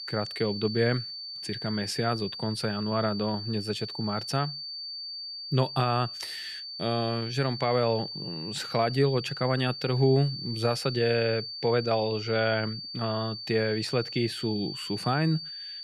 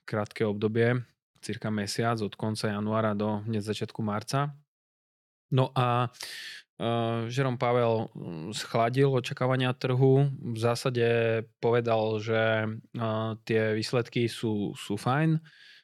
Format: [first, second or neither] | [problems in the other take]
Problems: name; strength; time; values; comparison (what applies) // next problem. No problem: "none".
second | high-pitched whine; loud; throughout; 4.5 kHz, 7 dB below the speech